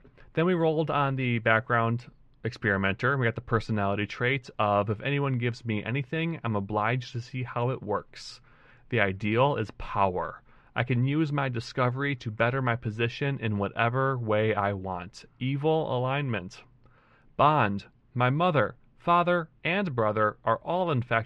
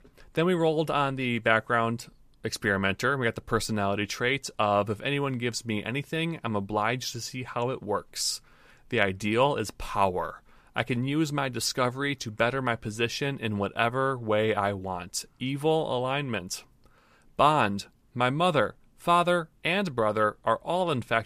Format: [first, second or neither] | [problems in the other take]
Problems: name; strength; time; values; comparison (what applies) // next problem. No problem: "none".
second | muffled; slightly; fading above 2.5 kHz